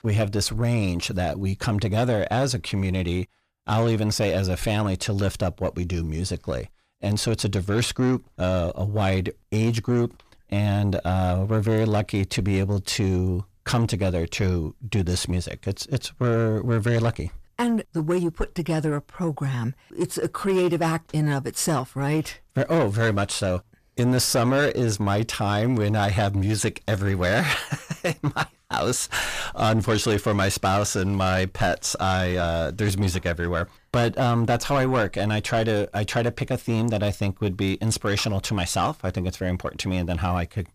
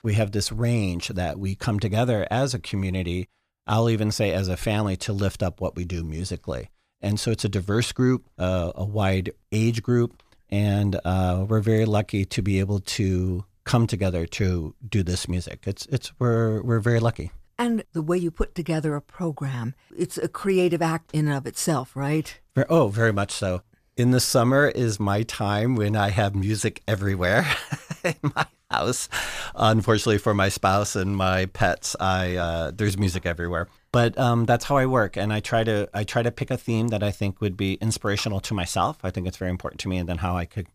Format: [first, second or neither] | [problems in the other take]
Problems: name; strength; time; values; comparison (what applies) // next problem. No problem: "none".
second | distortion; slight; 10 dB below the speech